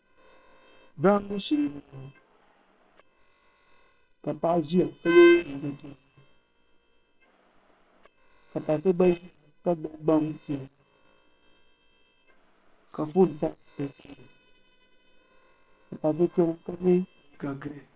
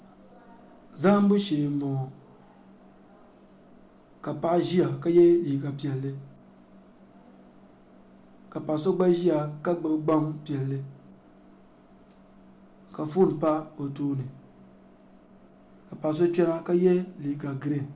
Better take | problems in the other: second | noise reduction (neural separator model SepFormer WHAM!)

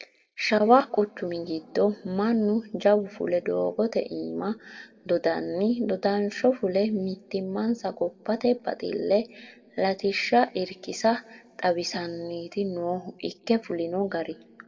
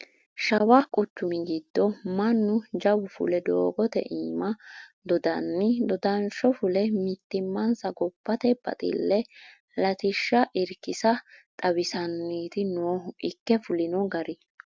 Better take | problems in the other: second | room echo; dies away in 1.5 s

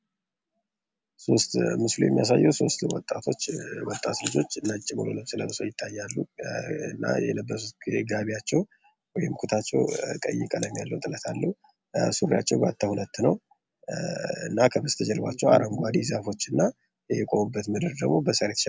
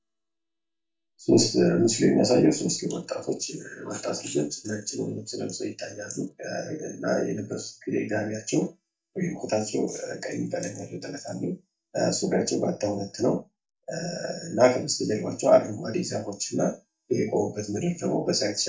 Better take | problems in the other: first | noise reduction (neural mask model DeepFilterNet 3)

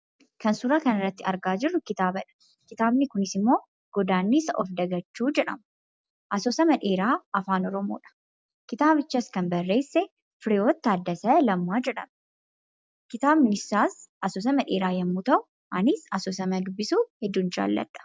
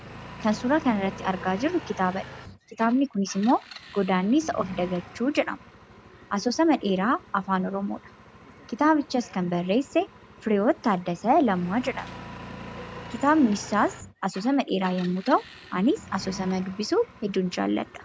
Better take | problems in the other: first | background sound (Engine); 17 dB below the speech

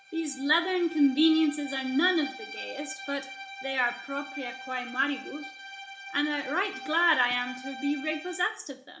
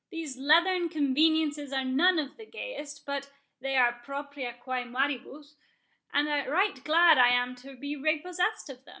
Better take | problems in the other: second | background sound (Bowed string instrument); 13 dB below the speech // room echo; dies away in 0.4 s

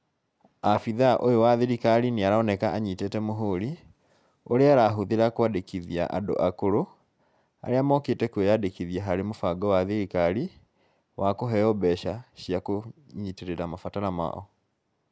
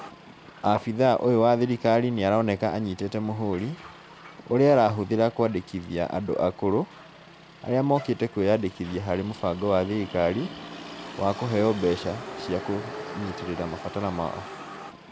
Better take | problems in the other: first | background sound (Motor vehicle (road)); 16 dB below the speech

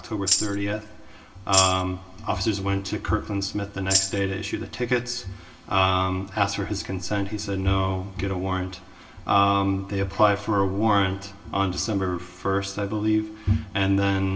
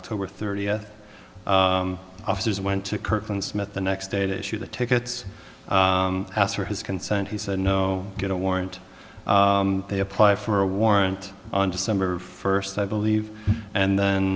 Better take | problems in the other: second | background sound (Tambourine); 2 dB below the speech // room echo; dies away in 0.2 s

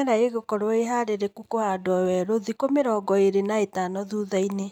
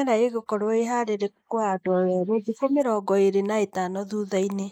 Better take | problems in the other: first | noise reduction (neural mask model Resemble Enhance denoiser)

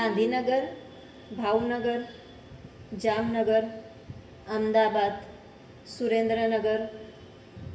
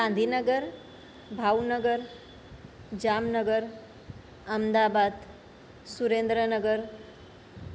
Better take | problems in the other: second | room echo; dies away in 1.6 s

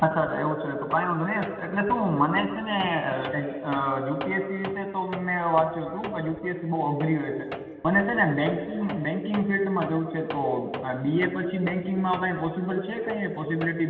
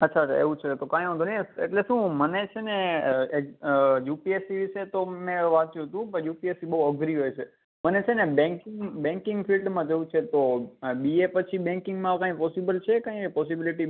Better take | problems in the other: second | background sound (Tools); 15 dB below the speech // room echo; dies away in 2.5 s

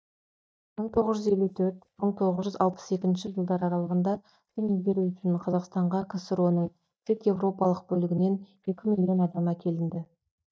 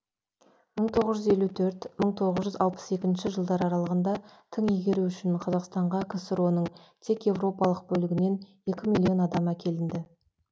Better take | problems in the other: second | noise reduction (neural mask model DeepFilterNet 3)

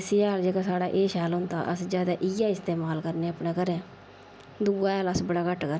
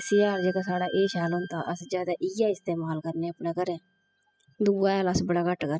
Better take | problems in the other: first | noise reduction (classical method spectral subtraction)

